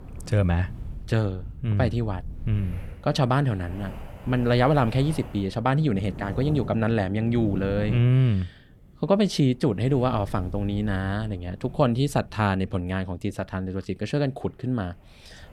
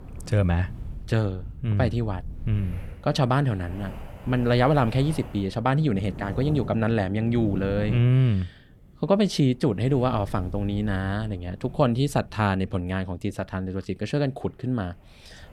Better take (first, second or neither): neither